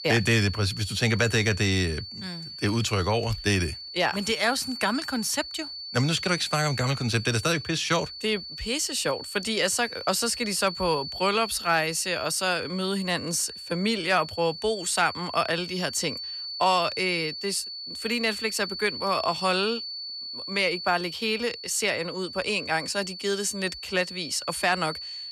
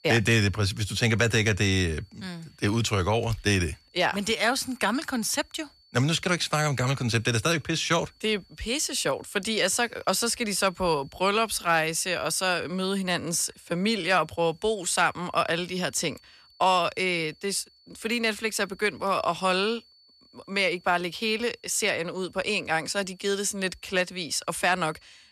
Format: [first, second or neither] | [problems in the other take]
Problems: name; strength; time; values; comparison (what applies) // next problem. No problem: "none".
second | high-pitched whine; loud; throughout; 4.5 kHz, 9 dB below the speech; faint in the second